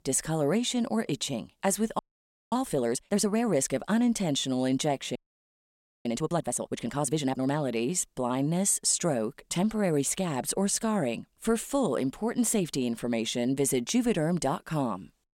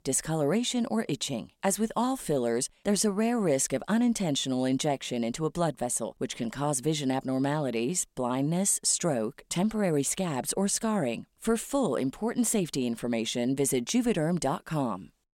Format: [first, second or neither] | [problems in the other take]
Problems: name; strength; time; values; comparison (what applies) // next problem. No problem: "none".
second | audio freezing; at 2 s for 0.5 s and at 5 s for 1 s